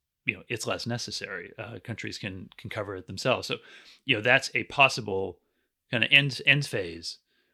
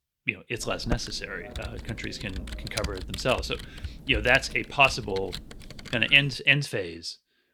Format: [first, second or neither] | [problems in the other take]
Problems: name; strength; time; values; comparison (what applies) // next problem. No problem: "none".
first | keyboard typing; noticeable; from 0.5 to 6 s; peak 8 dB below the speech